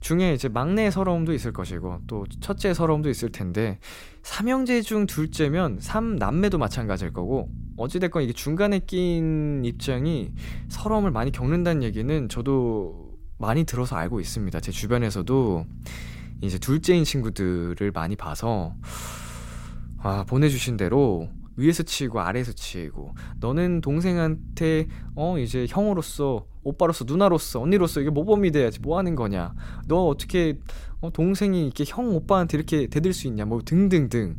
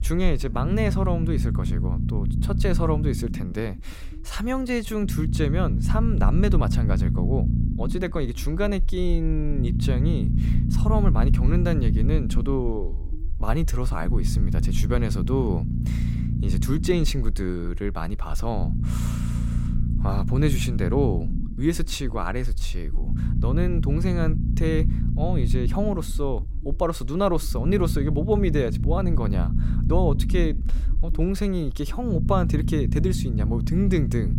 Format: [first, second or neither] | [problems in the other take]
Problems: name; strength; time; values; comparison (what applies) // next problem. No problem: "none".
first | low rumble; loud; throughout; 7 dB below the speech; faint in the first